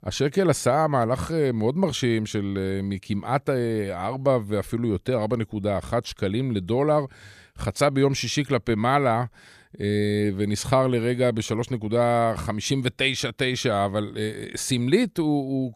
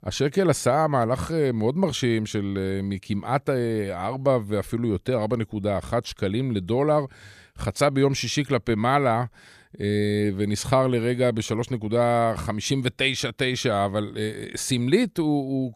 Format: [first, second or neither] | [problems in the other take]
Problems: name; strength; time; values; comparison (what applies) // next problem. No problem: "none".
neither | none